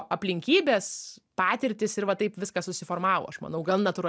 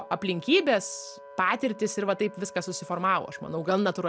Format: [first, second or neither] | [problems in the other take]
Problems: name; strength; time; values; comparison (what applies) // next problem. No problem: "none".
first | background sound (Wind instrument, woodwind instrument); 18 dB below the speech